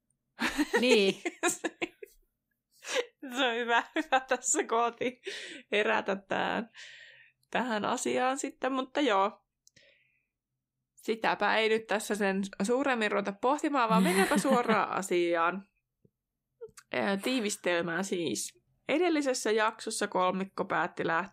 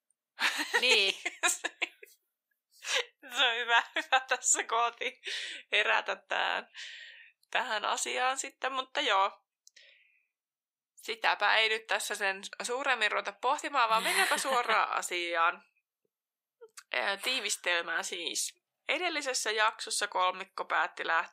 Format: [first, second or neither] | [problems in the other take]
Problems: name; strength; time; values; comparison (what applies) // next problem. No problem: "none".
first | thin; very; fading below 800 Hz